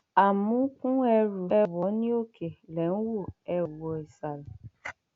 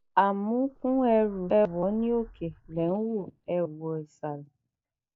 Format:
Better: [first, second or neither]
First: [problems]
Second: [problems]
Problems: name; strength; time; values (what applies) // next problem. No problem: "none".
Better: first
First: none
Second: noise reduction (neural mask model DeepFilterNet 3)